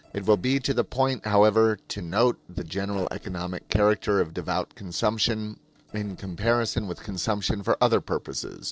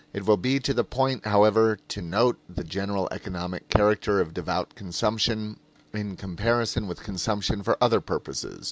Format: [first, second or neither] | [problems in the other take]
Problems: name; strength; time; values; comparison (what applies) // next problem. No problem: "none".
second | noise reduction (neural separator model SepFormer DNS4)